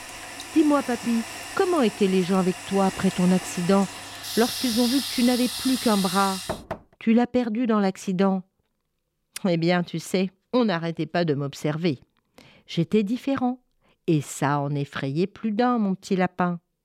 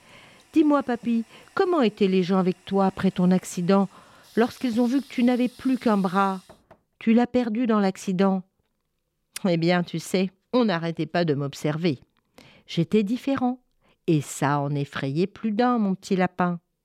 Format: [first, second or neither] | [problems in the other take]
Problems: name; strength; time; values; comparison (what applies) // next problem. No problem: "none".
second | household noises; loud; until 6.5 s; 7 dB below the speech; faint in the second